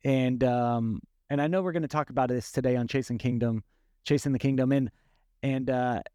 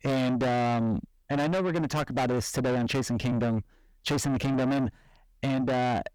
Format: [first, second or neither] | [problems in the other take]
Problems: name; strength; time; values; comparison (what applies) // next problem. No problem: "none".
first | distortion; heavy; 6 dB below the speech